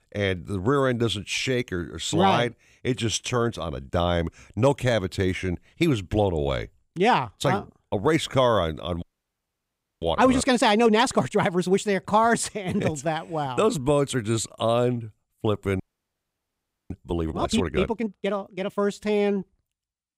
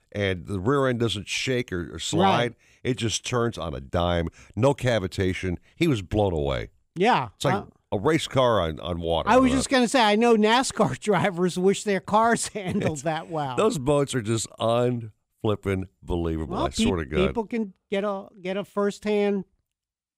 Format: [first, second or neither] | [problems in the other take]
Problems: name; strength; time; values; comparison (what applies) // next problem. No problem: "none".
second | audio freezing; at 9 s for 1 s and at 16 s for 1 s